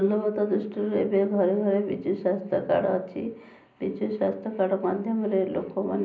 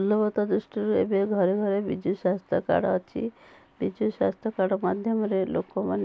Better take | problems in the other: second | room echo; dies away in 0.5 s

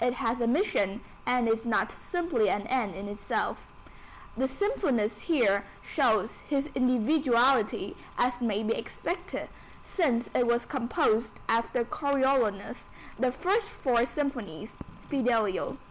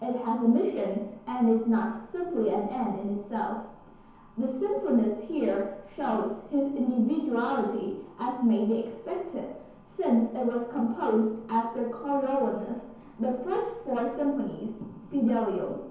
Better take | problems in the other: first | room echo; dies away in 0.9 s

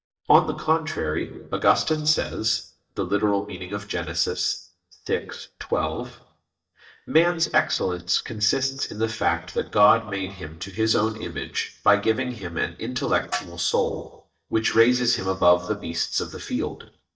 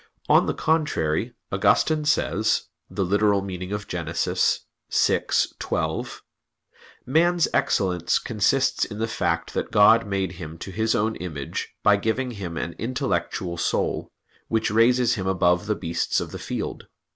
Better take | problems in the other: second | noise reduction (neural mask model DeepFilterNet 3)

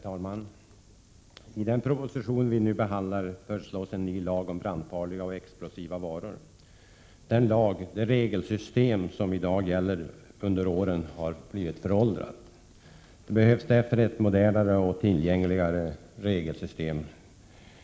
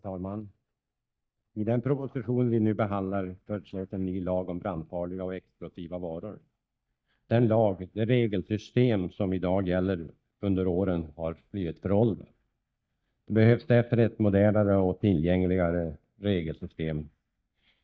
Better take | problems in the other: first | noise reduction (neural mask model DeepFilterNet 3)

